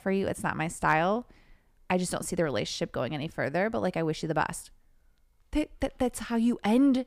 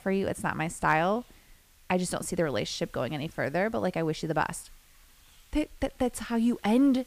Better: first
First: none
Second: hiss; faint; throughout; 30 dB below the speech

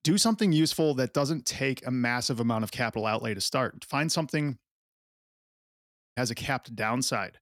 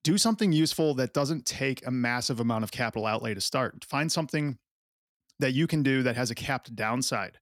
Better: second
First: audio cutting out; at 5 s for 1 s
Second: none

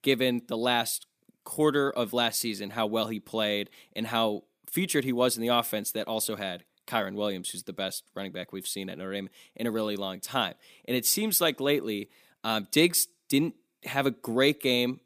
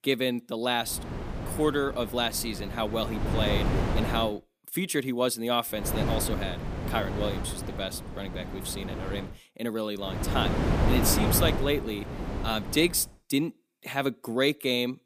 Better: first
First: none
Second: wind noise on the microphone; heavy; from 1 to 4 s, from 6 to 9 s and from 10 to 13 s; 6 dB below the speech

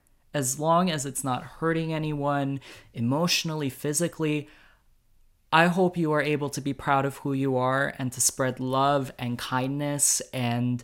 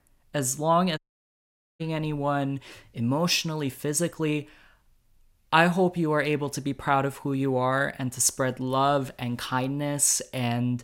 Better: first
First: none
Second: audio cutting out; at 1 s for 1 s

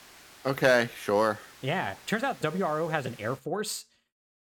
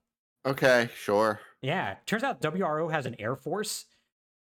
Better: second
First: hiss; faint; until 3.5 s; 20 dB below the speech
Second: none

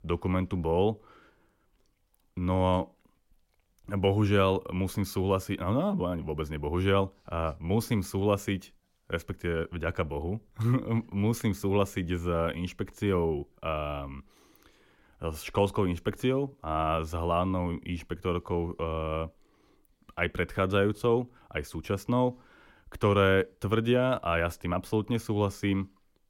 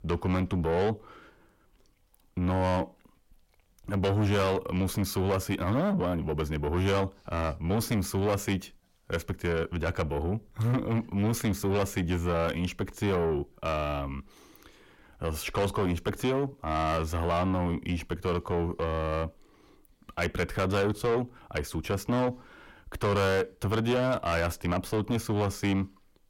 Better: first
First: none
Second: distortion; heavy; 8 dB below the speech

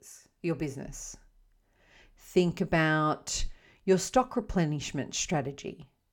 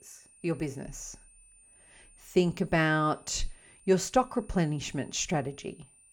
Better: first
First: none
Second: high-pitched whine; faint; throughout; 9 kHz, 25 dB below the speech

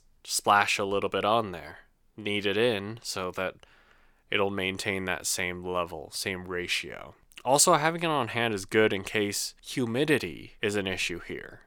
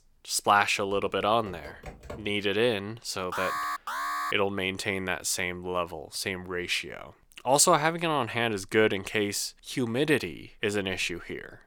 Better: first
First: none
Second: keyboard typing; faint; from 1 to 2.5 s; peak 15 dB below the speech // alarm; noticeable; from 3.5 to 4.5 s; peak 3 dB below the speech

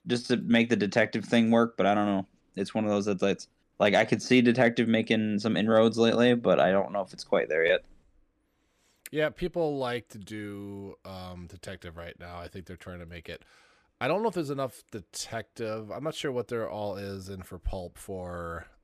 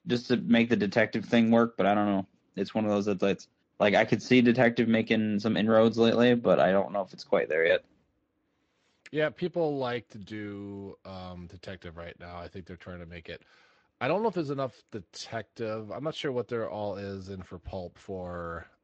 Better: first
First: none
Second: garbled, watery; slightly; nothing above 7 kHz

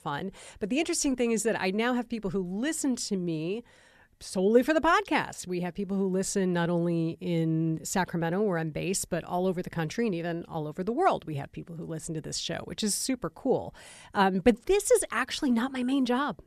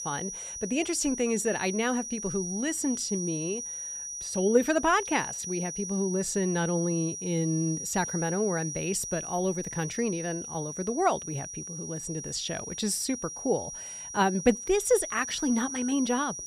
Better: first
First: none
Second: high-pitched whine; loud; throughout; 6 kHz, 6 dB below the speech

